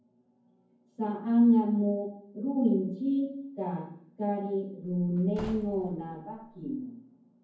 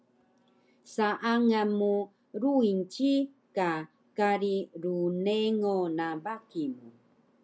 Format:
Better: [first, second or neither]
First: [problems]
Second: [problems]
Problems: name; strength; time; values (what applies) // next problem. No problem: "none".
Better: second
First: background sound (Slam / Wood); 18 dB below the speech // room echo; dies away in 0.9 s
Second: none